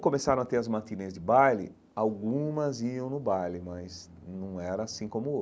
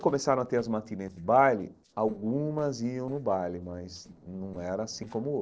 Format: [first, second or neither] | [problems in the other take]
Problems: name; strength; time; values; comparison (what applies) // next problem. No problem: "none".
first | noise reduction (neural separator model SepFormer DNS4)